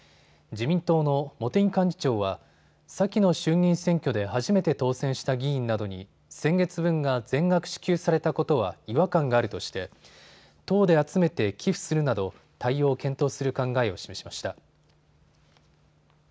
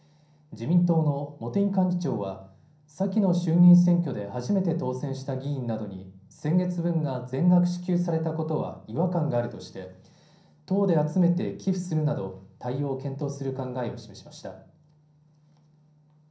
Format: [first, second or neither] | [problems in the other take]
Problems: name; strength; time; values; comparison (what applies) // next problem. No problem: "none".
first | room echo; dies away in 0.6 s